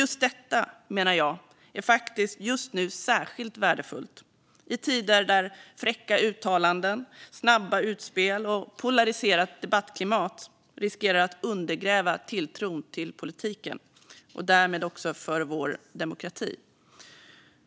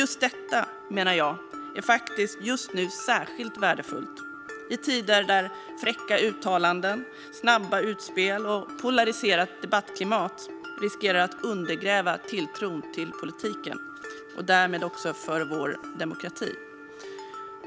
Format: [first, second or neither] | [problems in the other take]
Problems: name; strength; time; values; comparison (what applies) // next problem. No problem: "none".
first | background sound (Mallet percussion); 13 dB below the speech